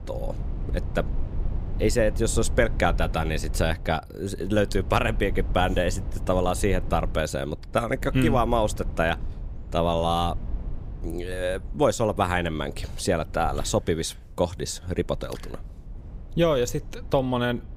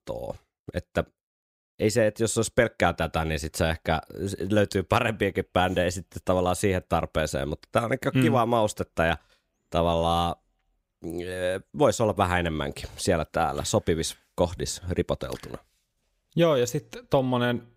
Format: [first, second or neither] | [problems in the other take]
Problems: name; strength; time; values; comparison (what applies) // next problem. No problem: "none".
second | low rumble; faint; throughout; 20 dB below the speech